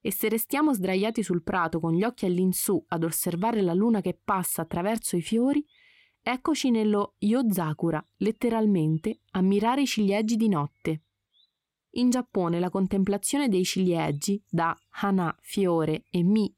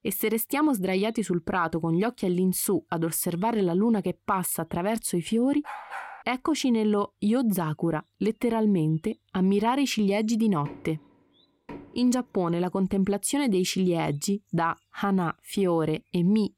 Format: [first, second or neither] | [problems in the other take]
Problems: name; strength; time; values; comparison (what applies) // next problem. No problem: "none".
first | dog barking; faint; at 5.5 s; peak 10 dB below the speech // door banging; faint; from 11 to 12 s; peak 20 dB below the speech